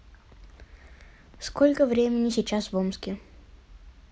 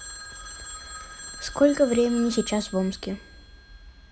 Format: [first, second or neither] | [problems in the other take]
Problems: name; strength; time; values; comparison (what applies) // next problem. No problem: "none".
first | background sound (Telephone); 14 dB below the speech